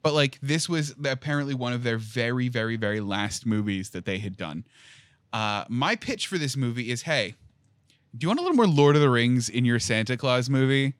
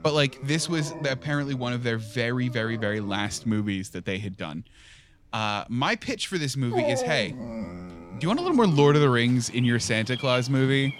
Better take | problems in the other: first | animal sounds; noticeable; throughout; 10 dB below the speech

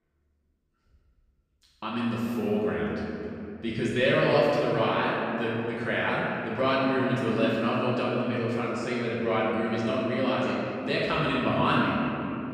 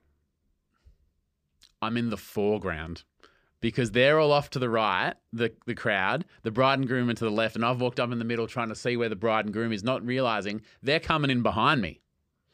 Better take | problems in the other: second | room echo; strong; dies away in 3 s // off-mic speech; far

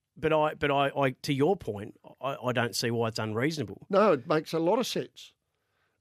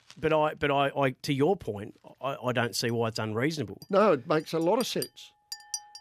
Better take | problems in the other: first | household noises; noticeable; throughout; 15 dB below the speech

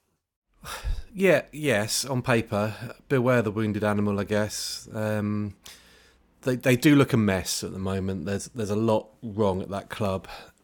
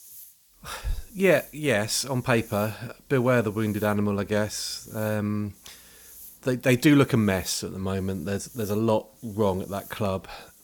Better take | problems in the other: first | hiss; faint; throughout; 20 dB below the speech

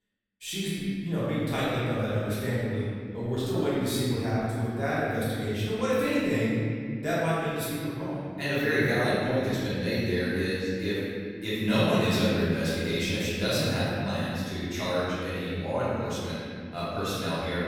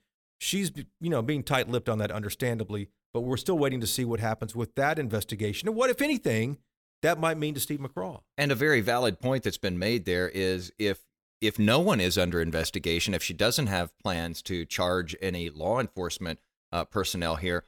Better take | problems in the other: second | room echo; strong; dies away in 2.3 s // off-mic speech; far

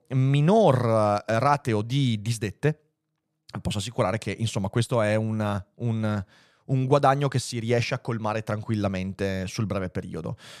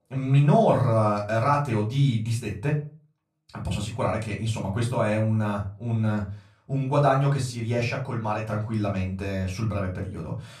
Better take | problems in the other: first | off-mic speech; far // room echo; slight; dies away in 0.3 s

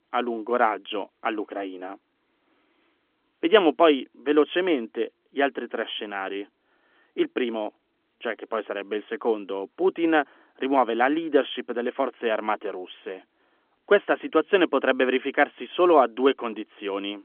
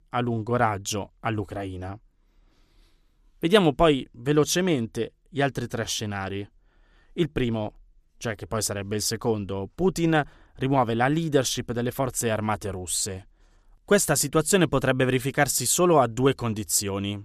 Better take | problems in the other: second | phone-call audio; nothing above 3.5 kHz

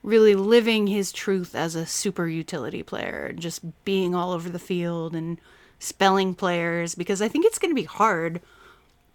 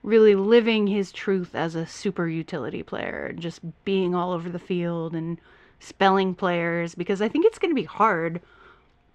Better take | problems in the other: first | muffled; slightly; fading above 3 kHz

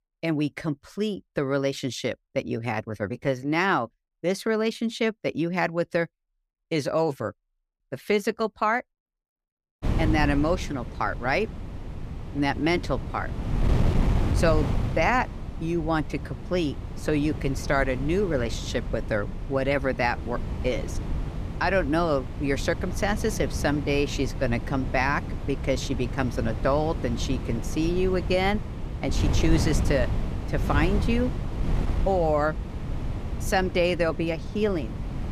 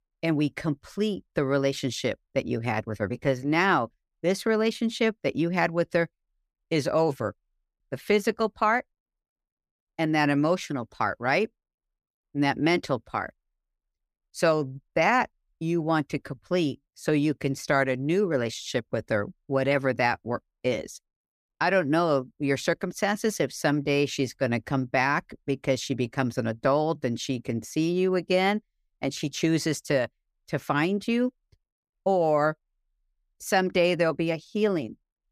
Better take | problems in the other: second | wind noise on the microphone; occasional gusts; from 10 s on; 10 dB below the speech

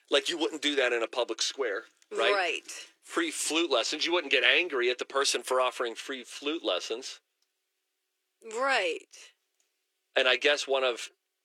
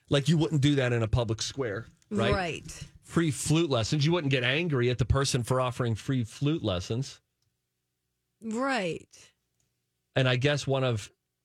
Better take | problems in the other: second | thin; very; fading below 350 Hz

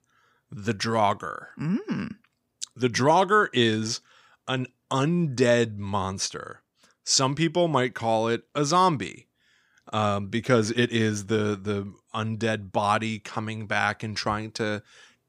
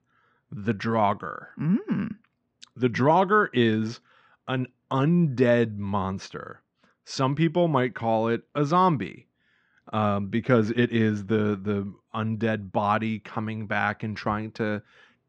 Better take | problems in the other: first | muffled; slightly; fading above 2.5 kHz

